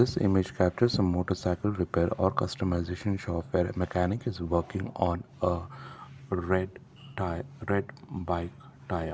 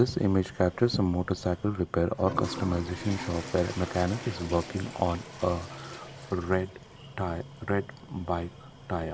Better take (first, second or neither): first